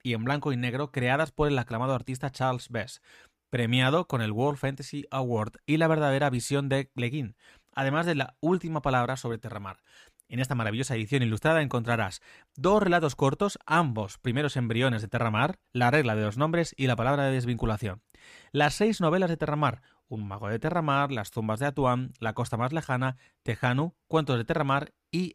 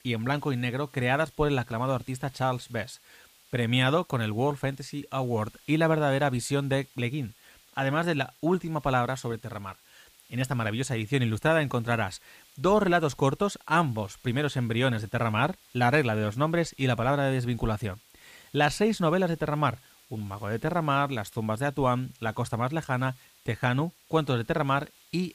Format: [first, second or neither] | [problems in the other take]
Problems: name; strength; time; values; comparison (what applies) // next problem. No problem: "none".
first | hiss; faint; throughout; 25 dB below the speech